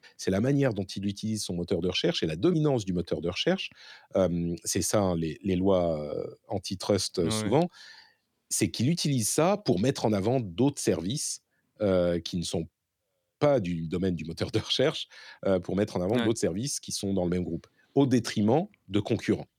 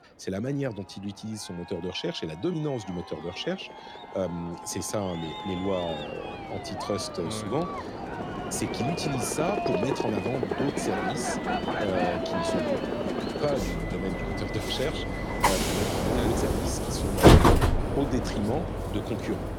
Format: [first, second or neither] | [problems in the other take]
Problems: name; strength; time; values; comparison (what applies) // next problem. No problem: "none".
first | train or aircraft noise; very loud; throughout; 4 dB above the speech